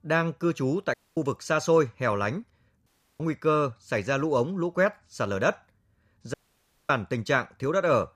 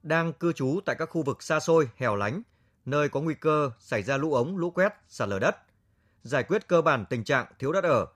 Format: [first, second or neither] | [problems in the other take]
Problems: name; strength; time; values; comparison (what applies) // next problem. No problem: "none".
second | audio cutting out; at 1 s, at 3 s and at 6.5 s for 0.5 s